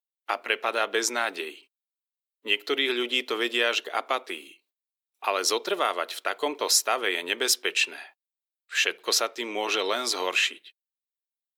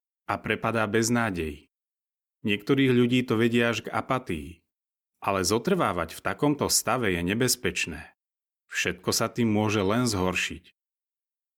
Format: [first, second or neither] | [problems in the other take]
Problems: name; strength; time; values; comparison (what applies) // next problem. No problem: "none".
second | thin; very; fading below 400 Hz